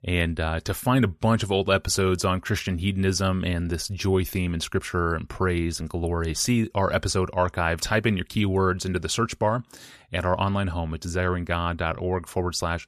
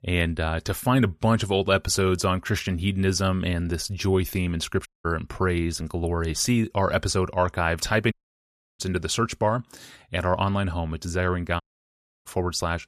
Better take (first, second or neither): first